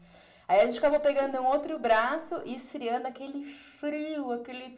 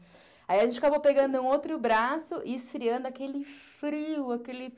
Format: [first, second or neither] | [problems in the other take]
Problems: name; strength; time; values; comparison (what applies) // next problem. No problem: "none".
second | room echo; dies away in 0.7 s